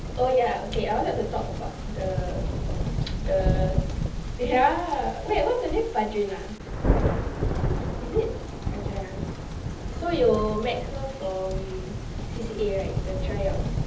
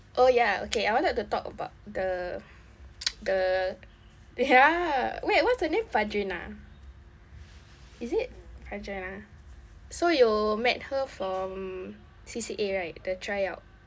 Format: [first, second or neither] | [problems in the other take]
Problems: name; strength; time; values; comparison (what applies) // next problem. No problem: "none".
second | background sound (Thunder); as loud as the speech // room echo; dies away in 0.7 s